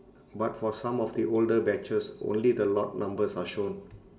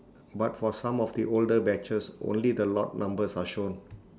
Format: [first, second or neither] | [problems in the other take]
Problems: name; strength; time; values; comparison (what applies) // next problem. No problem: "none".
second | room echo; dies away in 1 s